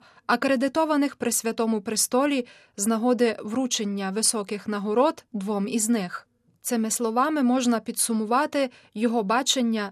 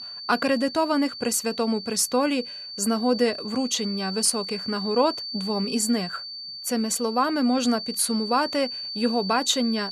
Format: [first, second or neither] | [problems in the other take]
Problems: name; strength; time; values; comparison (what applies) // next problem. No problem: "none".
first | high-pitched whine; loud; throughout; 4.5 kHz, 8 dB below the speech